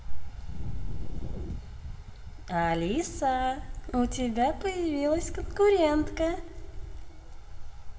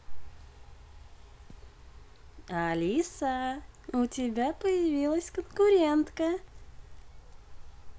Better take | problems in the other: second | background sound (Wind); 10 dB below the speech // room echo; dies away in 1.5 s

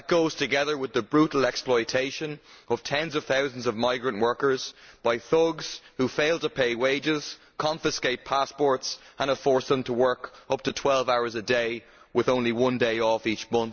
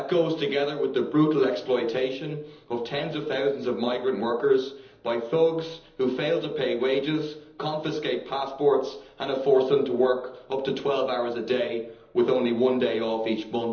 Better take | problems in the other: first | room echo; dies away in 1.2 s

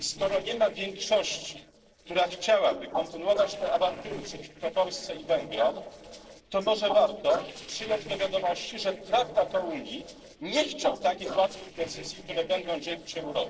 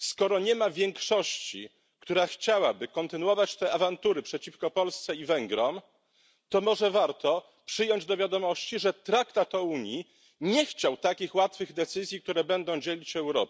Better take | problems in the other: second | noise reduction (neural separator model SepFormer DNS4)

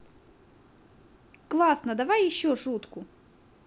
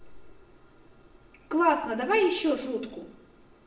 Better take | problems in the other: first | room echo; dies away in 0.8 s

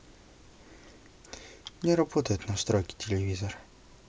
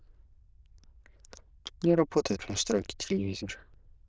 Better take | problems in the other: first | noise reduction (neural diffusion model UNIVERSE++)

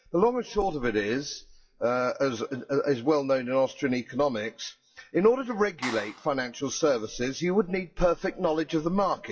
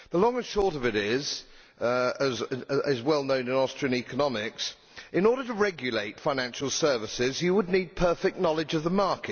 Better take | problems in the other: second | noise reduction (classical method WPE with log-MMSE)

